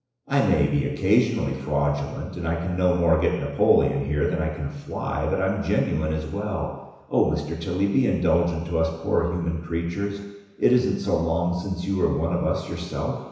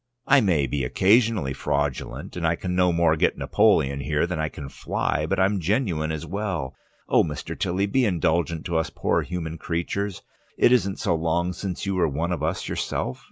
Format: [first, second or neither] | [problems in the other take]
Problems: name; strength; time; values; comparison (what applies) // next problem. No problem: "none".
second | room echo; dies away in 1 s